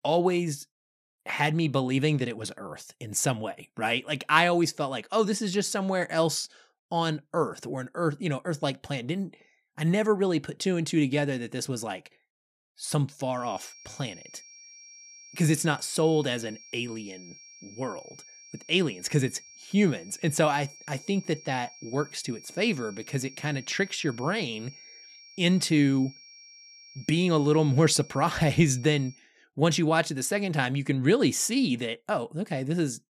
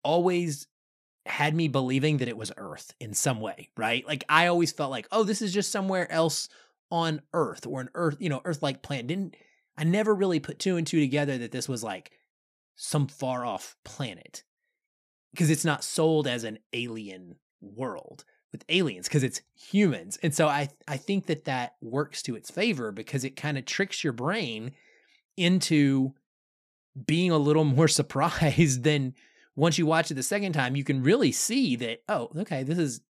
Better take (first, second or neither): second